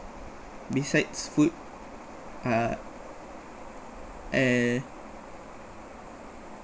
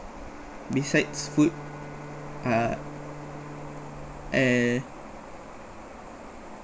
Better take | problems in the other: first | background sound (Bowed string instrument); 15 dB below the speech

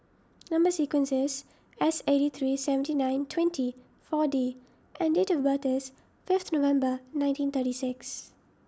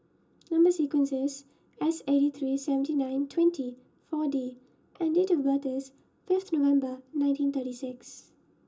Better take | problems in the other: first | room echo; dies away in 0.2 s

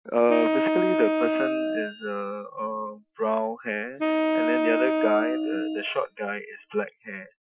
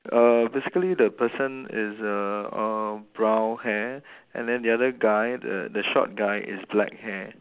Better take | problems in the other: second | noise reduction (classical method Wiener filter)

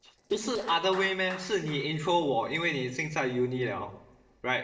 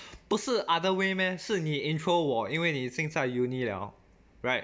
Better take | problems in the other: second | noise reduction (neural separator model SepFormer DNS4)

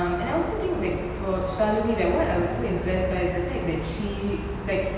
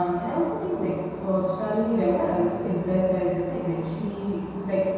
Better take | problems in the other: first | room echo; dies away in 0.7 s

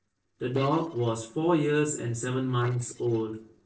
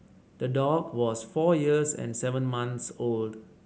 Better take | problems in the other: second | noise reduction (neural separator model SepFormer DNS4)

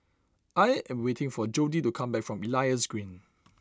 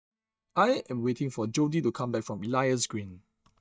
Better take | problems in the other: first | noise reduction (neural mask model DeepFilterNet 3)

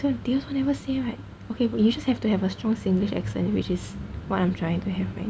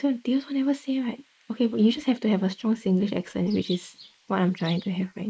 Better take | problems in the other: first | noise reduction (neural mask model Resemble Enhance denoiser)

